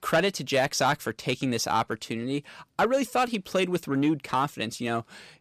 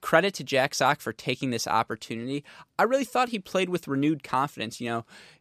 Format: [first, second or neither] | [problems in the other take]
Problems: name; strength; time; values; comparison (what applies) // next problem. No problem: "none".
second | distortion; slight; 10 dB below the speech